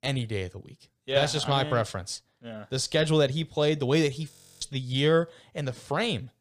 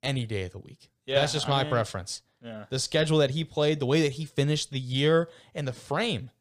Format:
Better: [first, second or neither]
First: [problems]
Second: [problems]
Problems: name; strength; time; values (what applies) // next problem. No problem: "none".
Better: second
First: audio freezing; at 4.5 s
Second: none